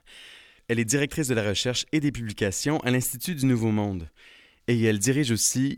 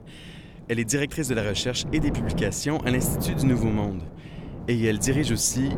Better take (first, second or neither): first